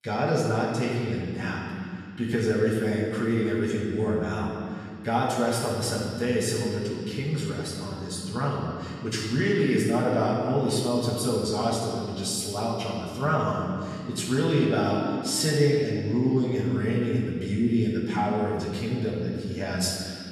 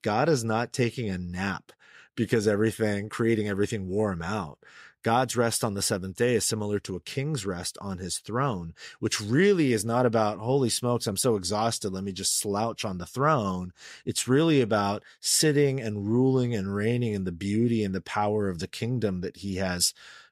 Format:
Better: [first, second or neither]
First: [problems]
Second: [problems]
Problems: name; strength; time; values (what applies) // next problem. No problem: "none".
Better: second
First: off-mic speech; far // room echo; strong; dies away in 2.3 s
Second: none